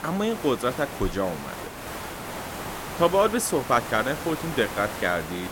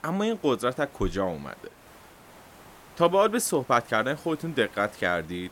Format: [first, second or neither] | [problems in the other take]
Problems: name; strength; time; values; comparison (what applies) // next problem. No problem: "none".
second | hiss; loud; throughout; 9 dB below the speech; faint in the second